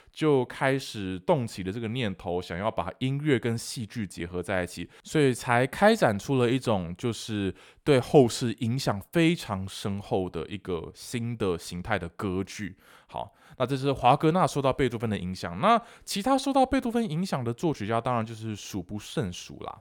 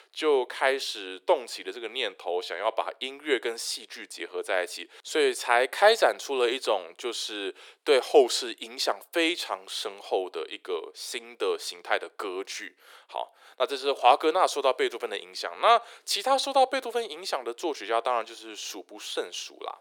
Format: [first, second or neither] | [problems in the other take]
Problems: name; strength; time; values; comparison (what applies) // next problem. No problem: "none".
first | thin; very; fading below 350 Hz